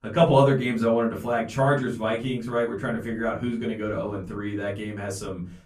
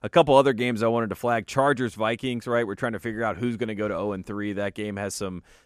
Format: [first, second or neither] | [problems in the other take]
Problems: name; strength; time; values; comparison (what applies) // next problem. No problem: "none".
second | off-mic speech; far // room echo; slight; dies away in 0.4 s